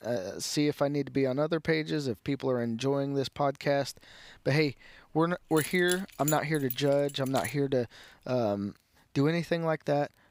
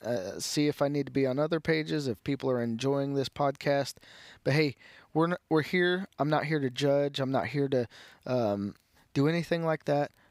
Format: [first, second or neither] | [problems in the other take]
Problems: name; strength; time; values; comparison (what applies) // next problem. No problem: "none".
second | jangling keys; noticeable; from 5.5 to 7.5 s; peak 6 dB below the speech